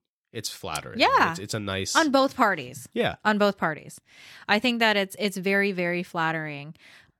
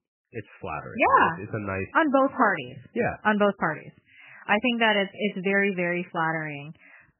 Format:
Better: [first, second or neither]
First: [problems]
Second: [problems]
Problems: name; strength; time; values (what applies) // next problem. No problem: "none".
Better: first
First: none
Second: garbled, watery; badly; nothing above 3 kHz